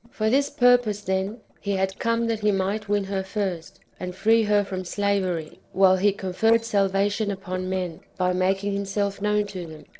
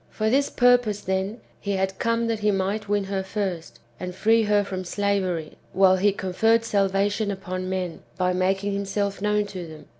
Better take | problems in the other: second | noise reduction (neural separator model SepFormer DNS4)

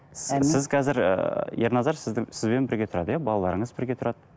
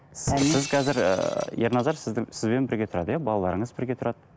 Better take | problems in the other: first | background sound (Shatter); 12 dB below the speech

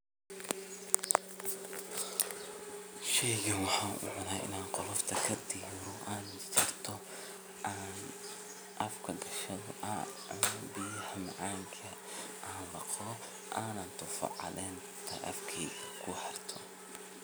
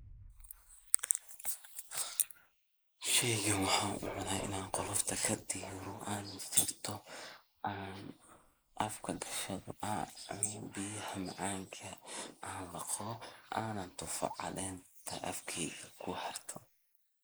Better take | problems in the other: first | noise reduction (neural mask model Resemble Enhance denoiser)

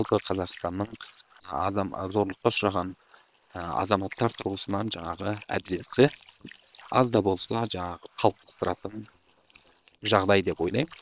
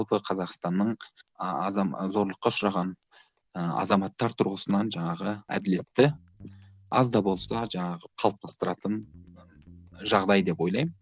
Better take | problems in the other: second | noise reduction (neural separator model SepFormer WHAM!)

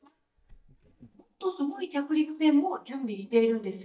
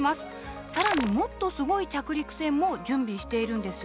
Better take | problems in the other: second | noise reduction (neural mask model DeepFilterNet 3)

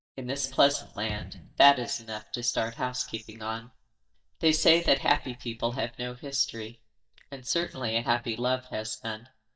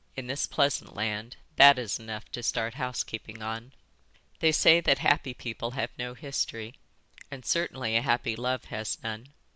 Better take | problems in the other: second | noise reduction (neural mask model DeepFilterNet 3)

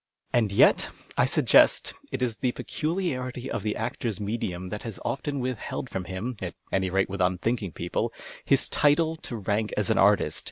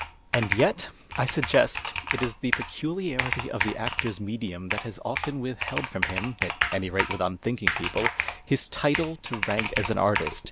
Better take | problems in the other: first | background sound (Computer keyboard); 3 dB below the speech

